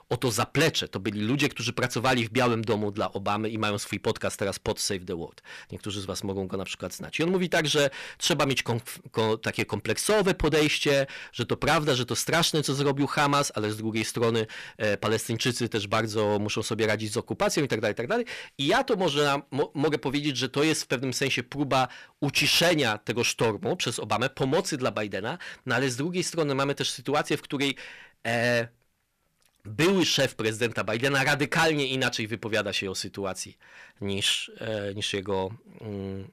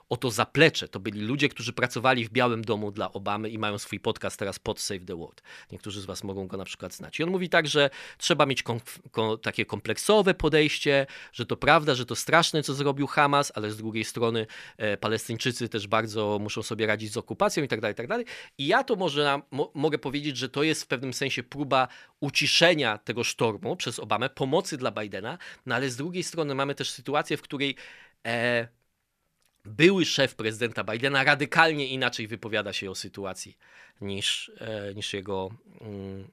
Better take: second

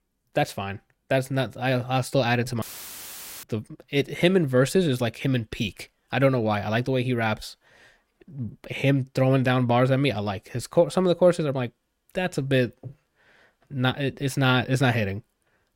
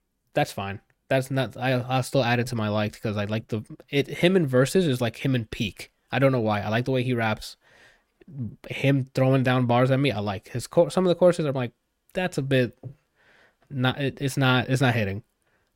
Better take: second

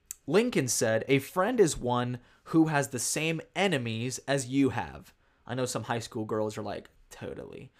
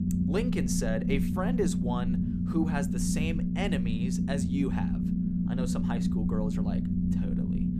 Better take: first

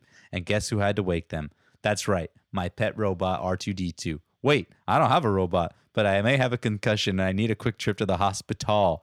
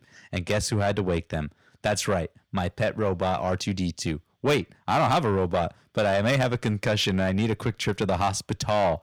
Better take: first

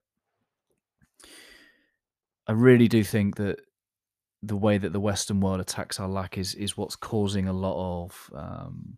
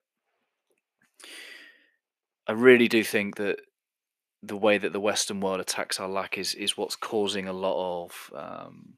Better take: first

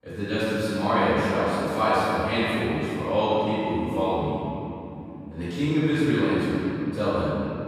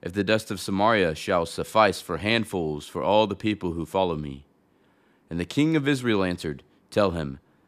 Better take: second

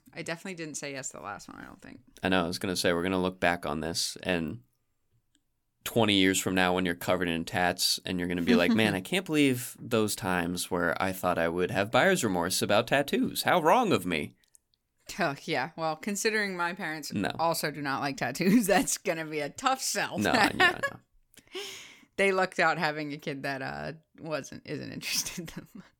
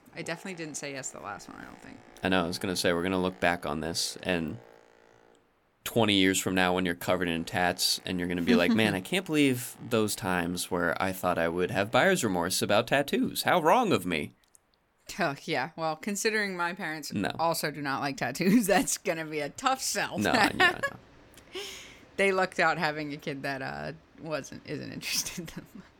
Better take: first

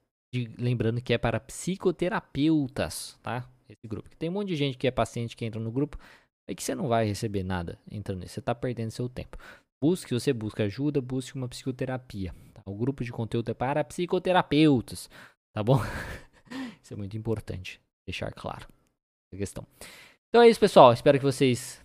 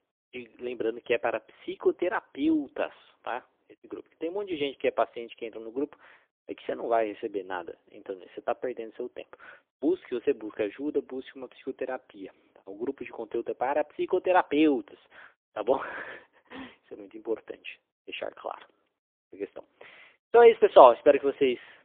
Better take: first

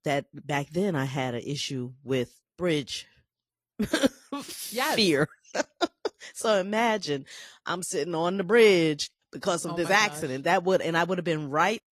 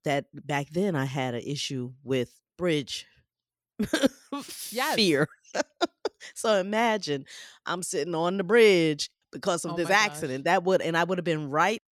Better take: second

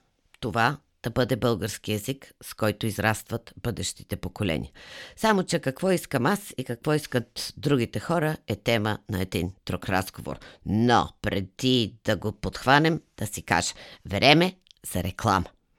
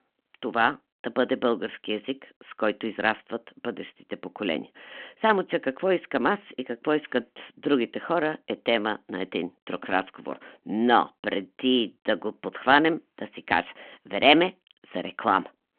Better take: first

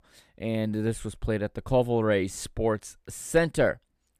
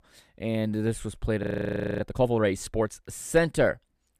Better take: first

